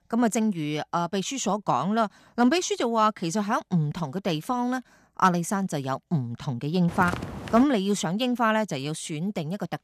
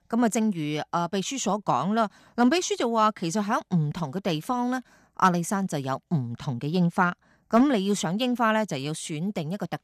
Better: second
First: footsteps; noticeable; at 7 s; peak 7 dB below the speech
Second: none

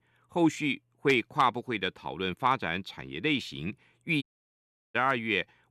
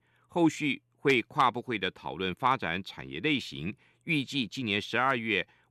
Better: second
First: audio cutting out; at 4 s for 0.5 s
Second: none

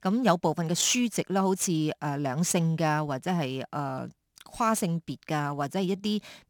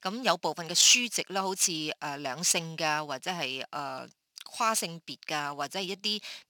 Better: first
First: none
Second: thin; somewhat; fading below 950 Hz

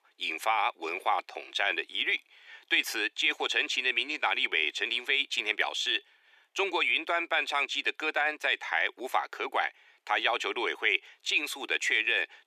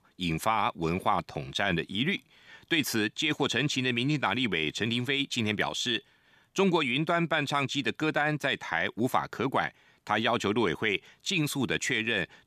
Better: second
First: thin; very; fading below 350 Hz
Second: none

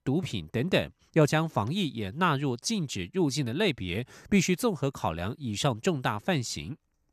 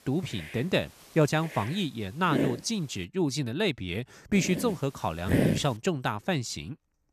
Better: first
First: none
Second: hiss; loud; until 3 s and from 4.5 to 6 s; 3 dB below the speech

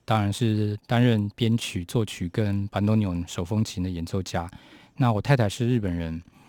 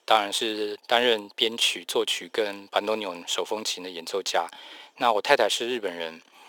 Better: first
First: none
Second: thin; very; fading below 400 Hz

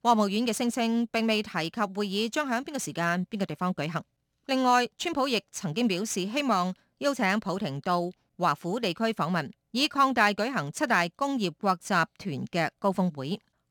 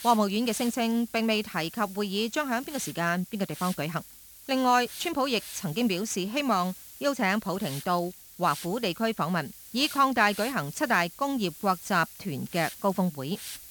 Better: first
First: none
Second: hiss; noticeable; throughout; 15 dB below the speech

